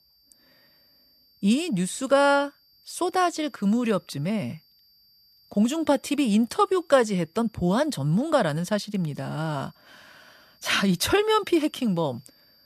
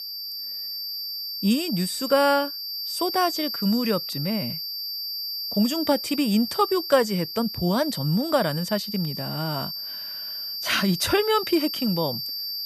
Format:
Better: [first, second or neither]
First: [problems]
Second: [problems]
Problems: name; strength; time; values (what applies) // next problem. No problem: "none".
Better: first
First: high-pitched whine; faint; throughout; 4.5 kHz, 35 dB below the speech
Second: high-pitched whine; loud; throughout; 4.5 kHz, 5 dB below the speech